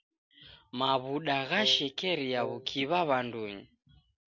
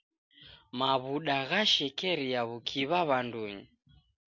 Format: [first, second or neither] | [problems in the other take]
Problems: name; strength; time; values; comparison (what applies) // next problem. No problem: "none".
second | background sound (Wind instrument, woodwind instrument); 11 dB below the speech